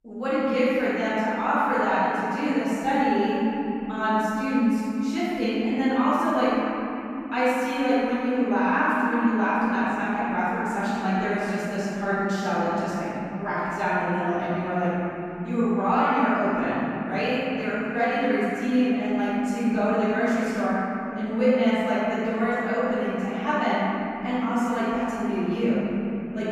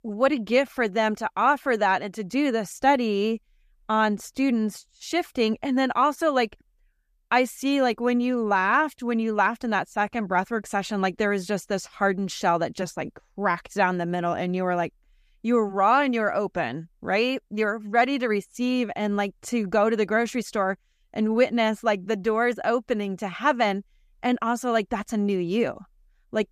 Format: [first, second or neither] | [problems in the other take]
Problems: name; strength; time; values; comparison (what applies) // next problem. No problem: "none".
second | room echo; strong; dies away in 3 s // off-mic speech; far